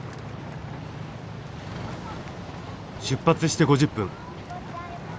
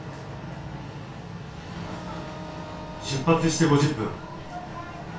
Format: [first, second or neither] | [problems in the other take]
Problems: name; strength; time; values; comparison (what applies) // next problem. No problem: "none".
first | background sound (Wind instrument, woodwind instrument); 17 dB below the speech // room echo; dies away in 0.3 s